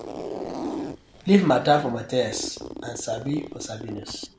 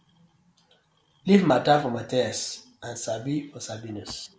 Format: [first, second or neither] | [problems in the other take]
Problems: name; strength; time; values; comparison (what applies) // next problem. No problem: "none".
second | background sound (Zipper (clothing)); 11 dB below the speech